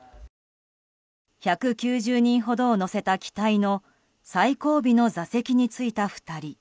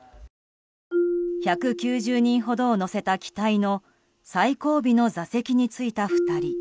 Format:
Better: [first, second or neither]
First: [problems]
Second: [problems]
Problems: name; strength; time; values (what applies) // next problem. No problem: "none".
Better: first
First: none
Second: background sound (Marimba, xylophone); 6 dB below the speech